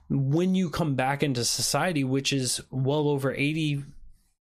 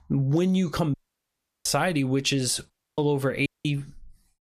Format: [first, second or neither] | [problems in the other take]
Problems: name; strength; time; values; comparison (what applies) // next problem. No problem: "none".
first | audio cutting out; at 1 s for 0.5 s, at 2.5 s and at 3.5 s